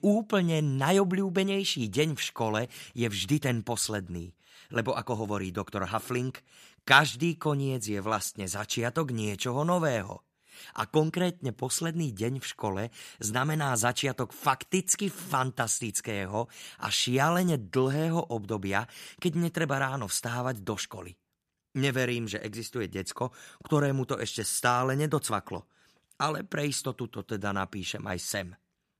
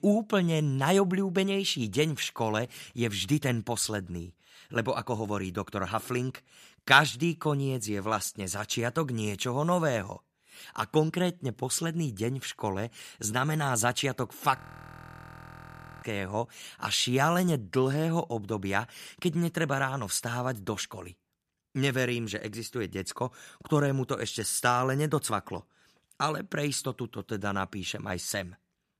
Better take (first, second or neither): first